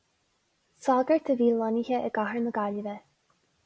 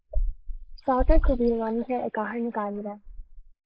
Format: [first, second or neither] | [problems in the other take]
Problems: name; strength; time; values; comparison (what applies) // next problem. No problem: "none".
first | noise reduction (neural mask model Resemble Enhance denoiser)